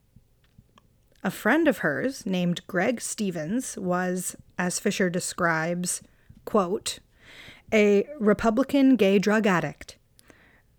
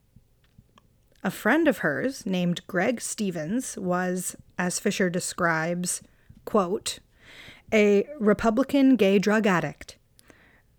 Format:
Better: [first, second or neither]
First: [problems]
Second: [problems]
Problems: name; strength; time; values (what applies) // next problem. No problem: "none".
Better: neither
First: none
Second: none